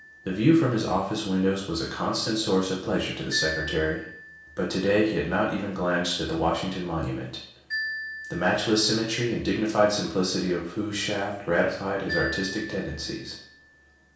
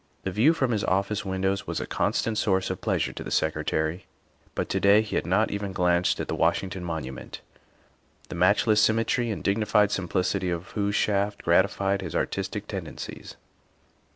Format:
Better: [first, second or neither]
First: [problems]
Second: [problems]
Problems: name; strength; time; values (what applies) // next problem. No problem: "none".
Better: second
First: background sound (Marimba, xylophone); 14 dB below the speech // room echo; dies away in 0.6 s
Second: none